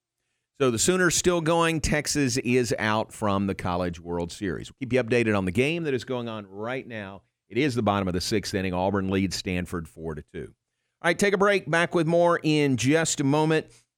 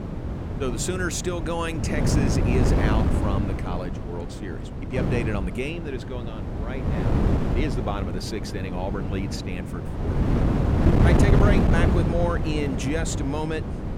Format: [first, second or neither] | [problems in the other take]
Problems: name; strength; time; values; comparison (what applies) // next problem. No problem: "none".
first | wind noise on the microphone; heavy; 1 dB below the speech